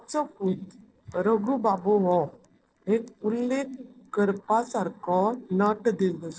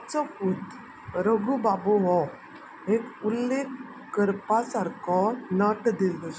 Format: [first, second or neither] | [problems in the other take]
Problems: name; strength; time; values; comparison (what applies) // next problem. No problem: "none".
second | noise reduction (neural separator model SepFormer DNS4)